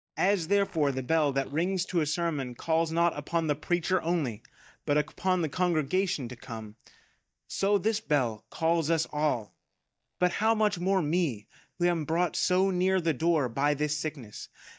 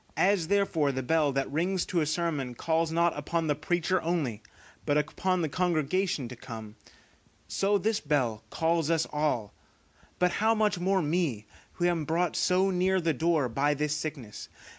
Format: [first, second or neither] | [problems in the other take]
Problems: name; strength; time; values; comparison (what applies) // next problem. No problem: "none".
second | noise reduction (neural mask model DeepFilterNet 3)